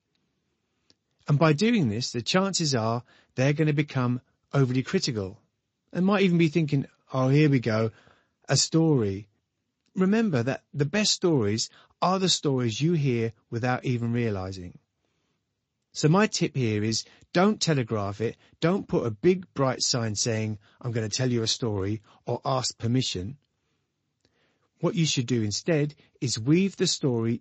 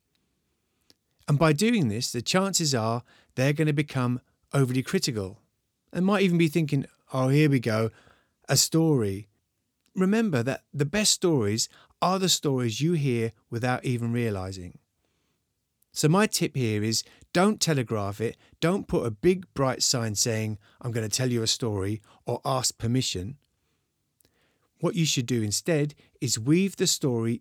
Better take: second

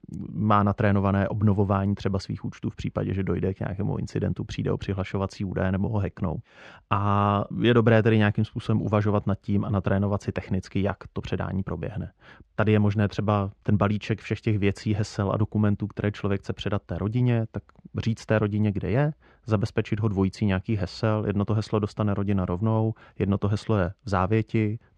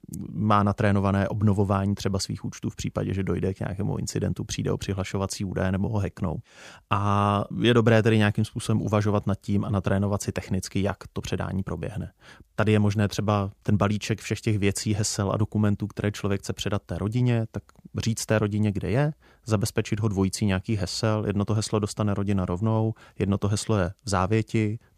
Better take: second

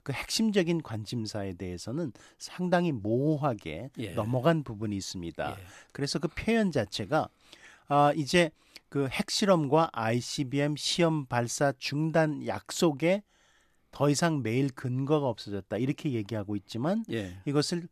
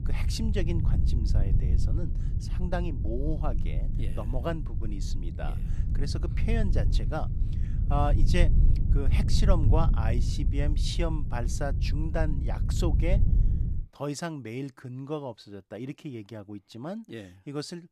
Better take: first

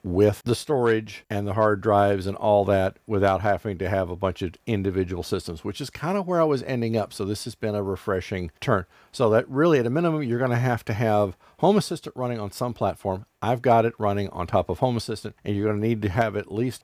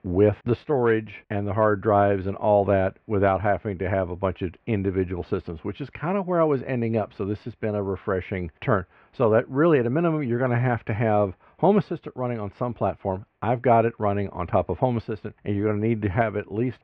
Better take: first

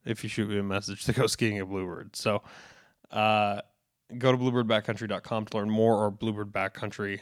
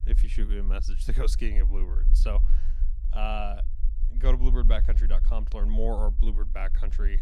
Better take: first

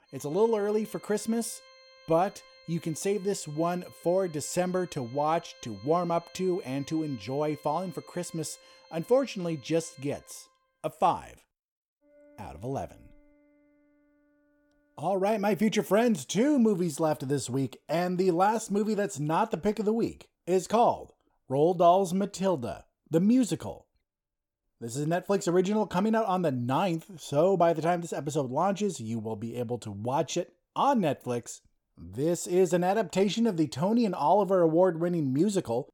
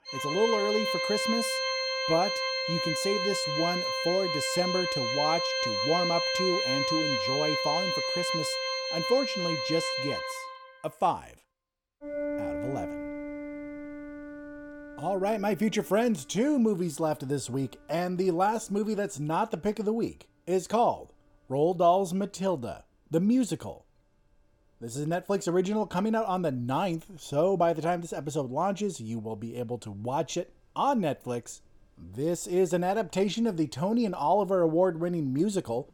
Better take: first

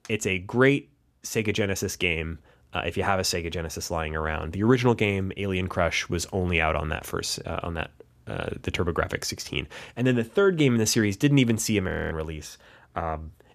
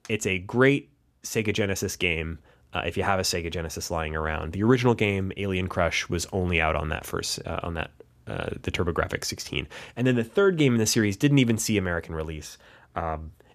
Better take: second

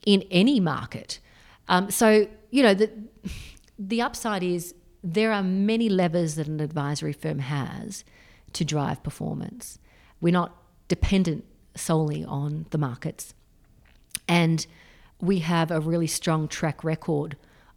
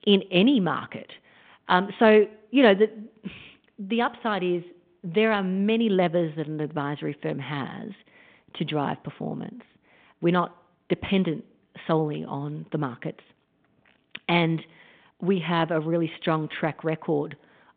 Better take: first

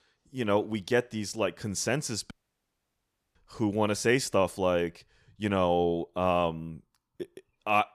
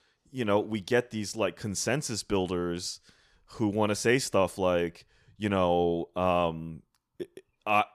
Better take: second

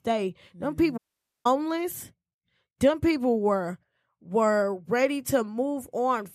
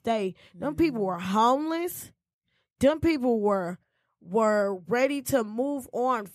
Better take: second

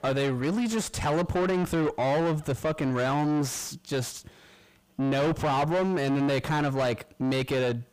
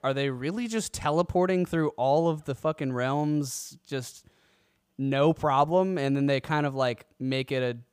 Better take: second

